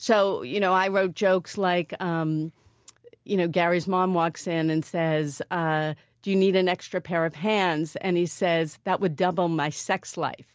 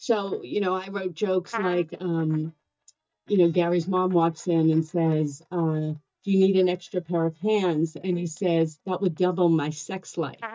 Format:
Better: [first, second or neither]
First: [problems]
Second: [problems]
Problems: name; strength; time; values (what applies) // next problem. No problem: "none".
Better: first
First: none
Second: noise reduction (neural mask model DeepFilterNet 3)